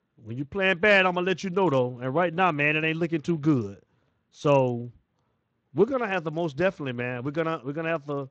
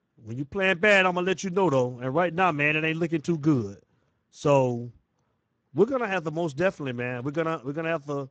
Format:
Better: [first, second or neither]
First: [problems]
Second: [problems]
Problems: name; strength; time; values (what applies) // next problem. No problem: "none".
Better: first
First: garbled, watery; slightly; nothing above 7.5 kHz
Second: garbled, watery; badly; nothing above 7.5 kHz